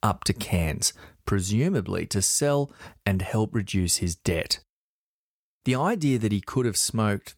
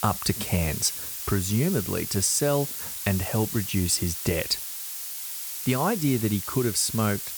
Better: first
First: none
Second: hiss; loud; throughout; 5 dB below the speech

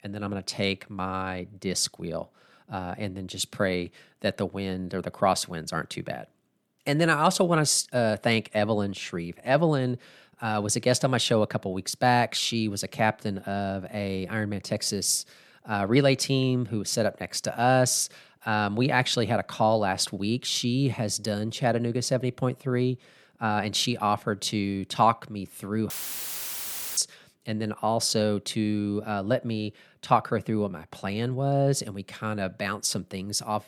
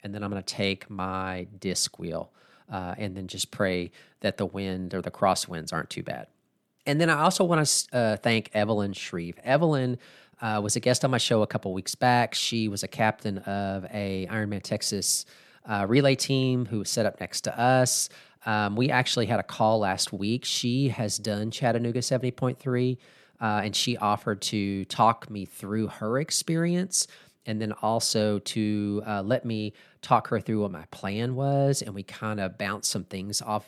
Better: second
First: audio cutting out; filled with static; at 26 s for 1 s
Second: none

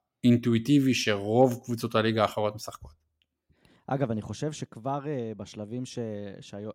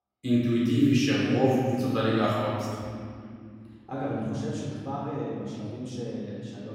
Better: first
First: none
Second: room echo; strong; dies away in 2.5 s // off-mic speech; far

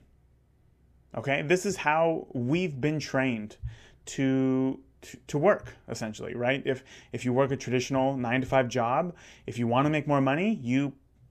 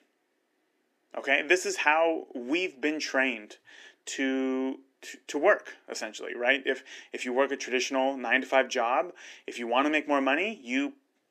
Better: first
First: none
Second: thin; very slightly; fading below 300 Hz

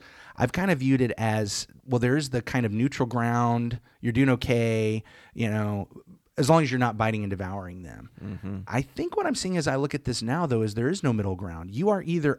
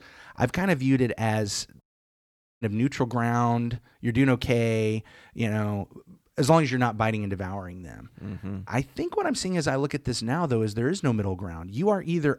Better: first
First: none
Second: audio cutting out; at 2 s for 1 s

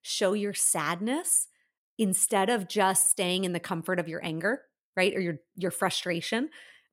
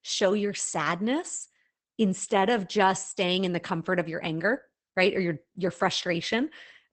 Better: first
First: none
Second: garbled, watery; badly; nothing above 8 kHz

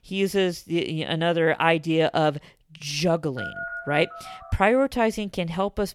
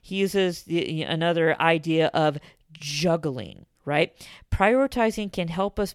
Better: second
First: phone ringing; noticeable; from 3.5 to 4.5 s; peak 8 dB below the speech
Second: none

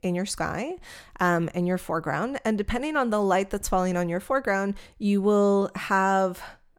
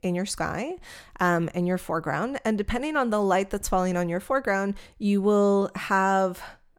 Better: neither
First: none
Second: none

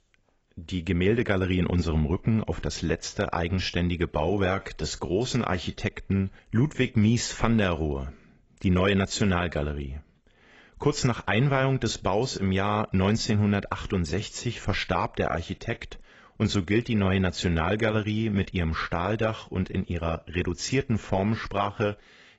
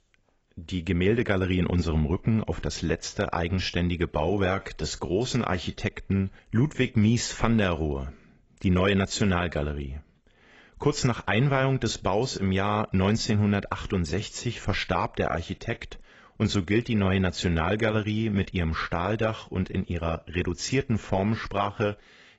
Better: neither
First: garbled, watery; badly; nothing above 7.5 kHz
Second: garbled, watery; badly; nothing above 7.5 kHz

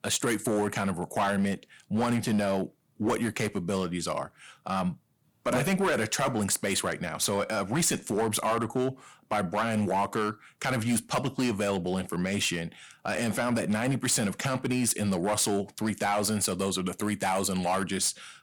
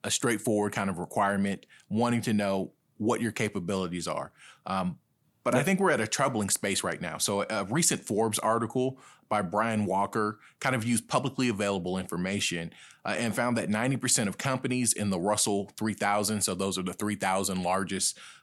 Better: second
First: distortion; slight; 8% of the sound clipped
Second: none

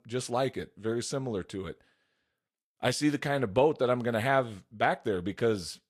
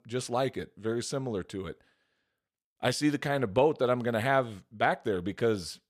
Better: second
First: garbled, watery; slightly; nothing above 12.5 kHz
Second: none

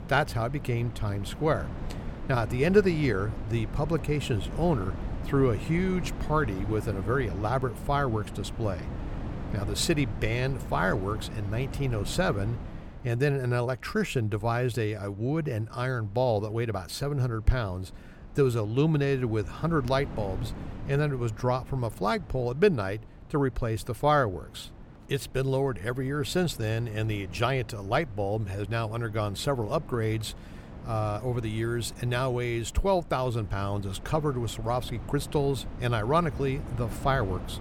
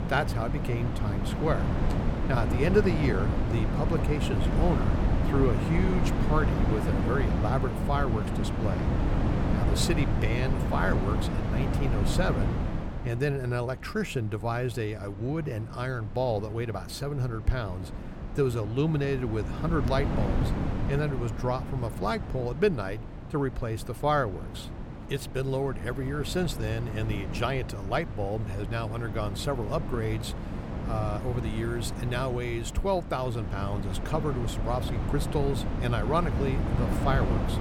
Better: first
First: wind noise on the microphone; occasional gusts; 15 dB below the speech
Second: wind noise on the microphone; heavy; 5 dB below the speech

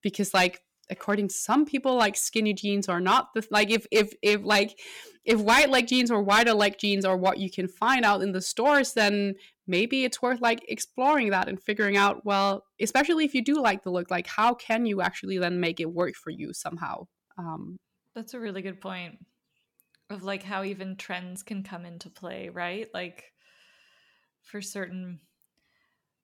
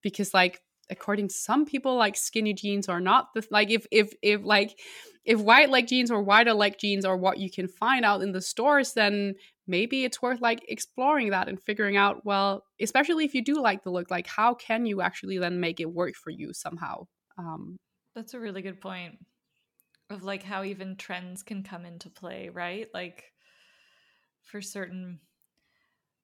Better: second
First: distortion; slight; 1.8% of the sound clipped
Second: none

